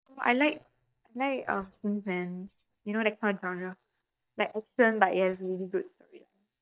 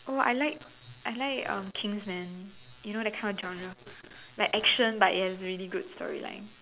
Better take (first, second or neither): second